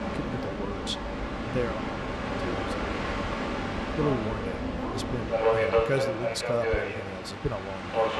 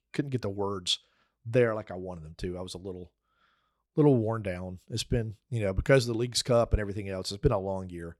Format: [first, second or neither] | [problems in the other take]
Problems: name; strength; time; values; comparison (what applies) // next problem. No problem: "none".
second | train or aircraft noise; very loud; throughout; 4 dB above the speech